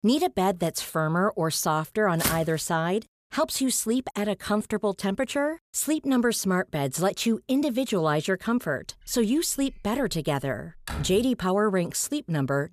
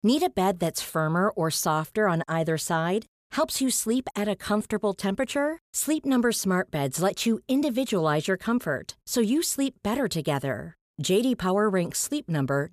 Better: second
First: footsteps; noticeable; at 2 s; peak 2 dB below the speech // door banging; noticeable; from 9 to 11 s; peak 10 dB below the speech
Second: none

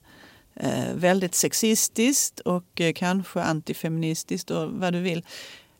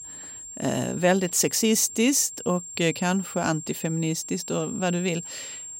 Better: first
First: none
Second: high-pitched whine; noticeable; throughout; 7.5 kHz, 10 dB below the speech

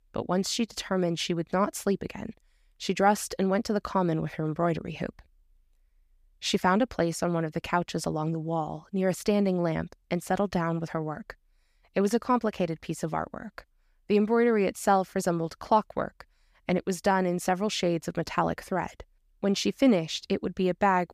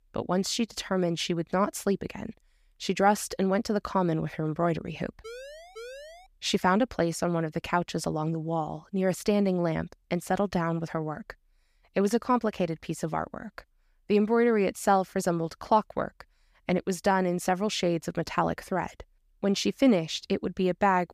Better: first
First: none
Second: siren; faint; from 5 to 6.5 s; peak 15 dB below the speech

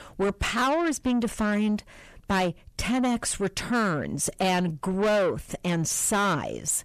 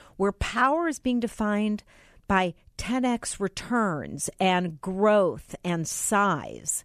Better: second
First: distortion; heavy; 8 dB below the speech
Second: none

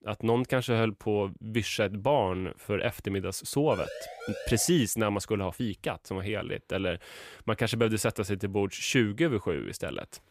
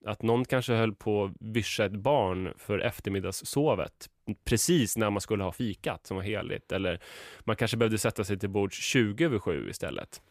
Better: second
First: siren; faint; at 3.5 s; peak 10 dB below the speech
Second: none

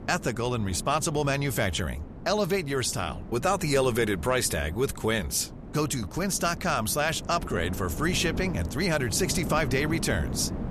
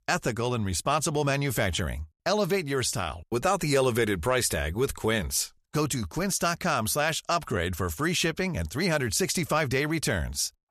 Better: second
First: wind noise on the microphone; occasional gusts; 15 dB below the speech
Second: none

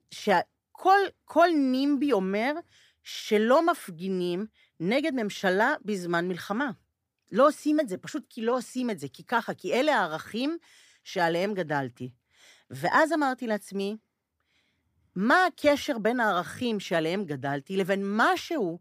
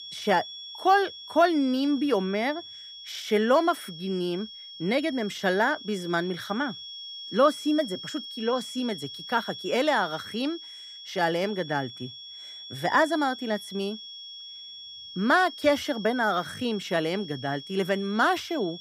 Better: first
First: none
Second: high-pitched whine; noticeable; throughout; 3.5 kHz, 15 dB below the speech

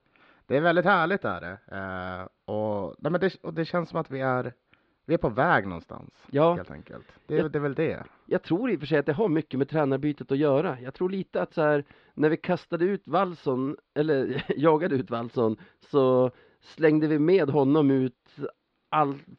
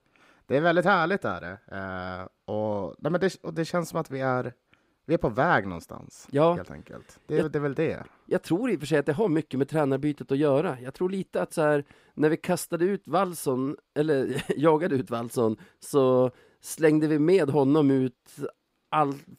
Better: second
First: muffled; very slightly; fading above 4 kHz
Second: none

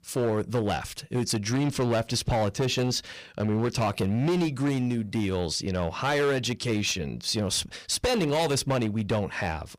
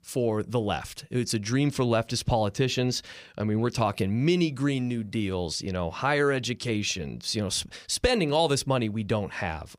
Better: second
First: distortion; slight; 13% of the sound clipped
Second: none

